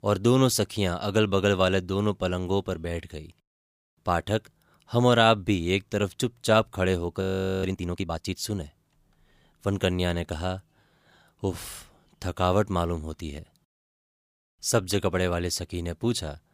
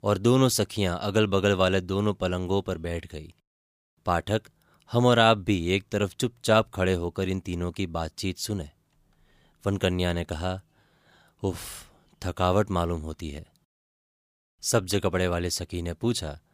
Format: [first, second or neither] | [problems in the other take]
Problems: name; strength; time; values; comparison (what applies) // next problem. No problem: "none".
second | audio freezing; at 7 s